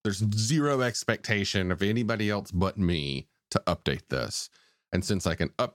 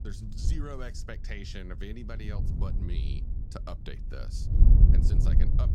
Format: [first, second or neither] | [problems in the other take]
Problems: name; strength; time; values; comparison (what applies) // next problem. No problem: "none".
first | wind noise on the microphone; heavy; as loud as the speech